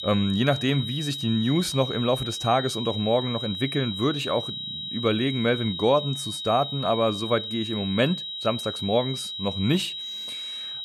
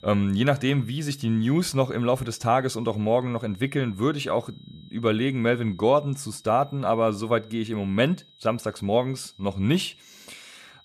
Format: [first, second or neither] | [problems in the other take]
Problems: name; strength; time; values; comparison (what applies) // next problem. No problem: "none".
second | high-pitched whine; loud; throughout; 4 kHz, 5 dB below the speech; faint in the second